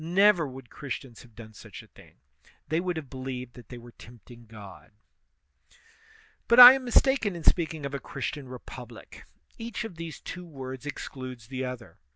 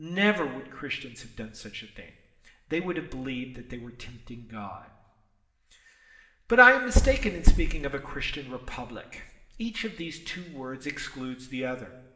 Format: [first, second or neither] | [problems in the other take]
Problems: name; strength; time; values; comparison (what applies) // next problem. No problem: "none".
first | room echo; dies away in 1 s